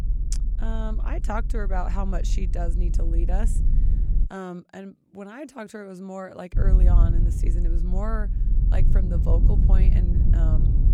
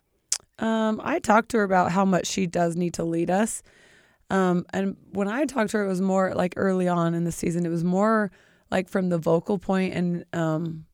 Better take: second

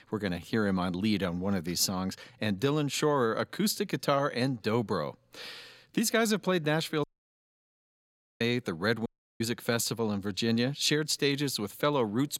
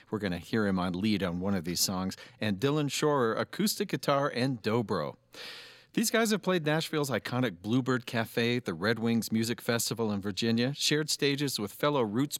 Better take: second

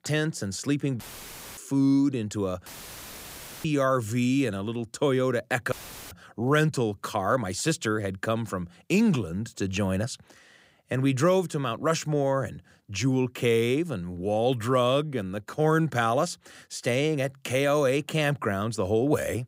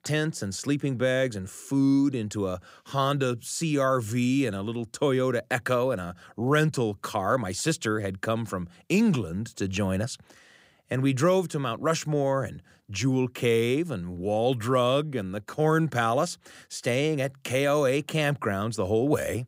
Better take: second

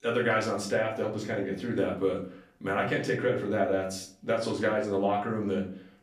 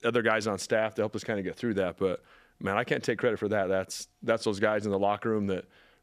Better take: second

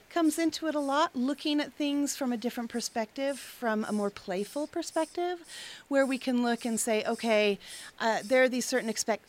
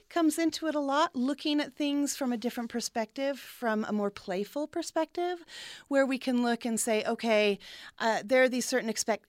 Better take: second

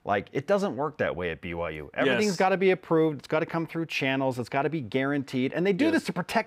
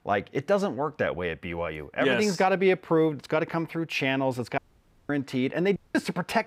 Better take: first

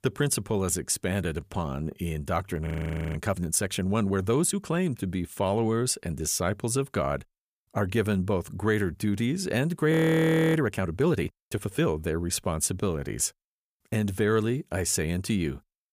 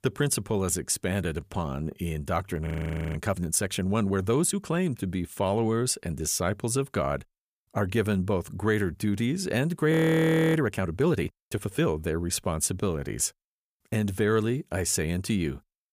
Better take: neither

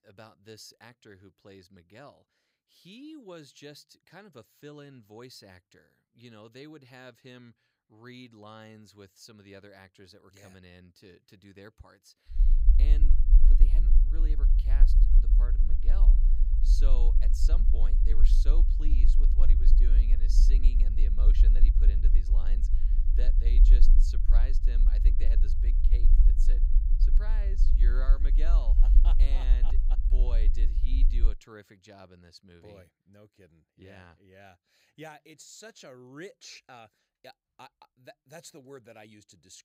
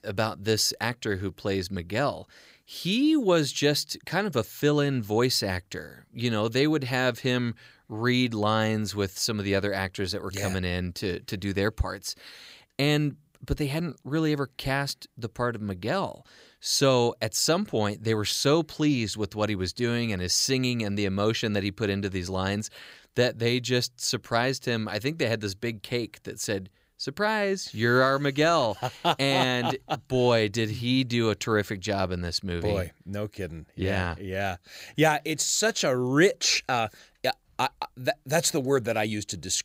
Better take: second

